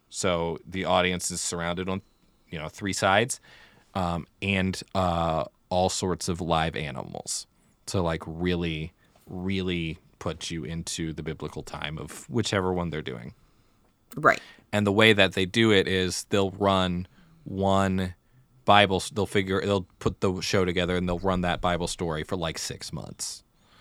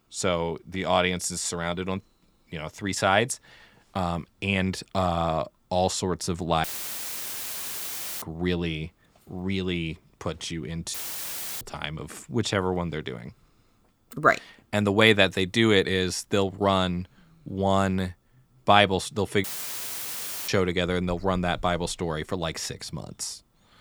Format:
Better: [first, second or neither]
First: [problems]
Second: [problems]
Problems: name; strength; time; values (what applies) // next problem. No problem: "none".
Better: first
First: none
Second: audio cutting out; filled with static; at 6.5 s for 1.5 s, at 11 s for 0.5 s and at 19 s for 1 s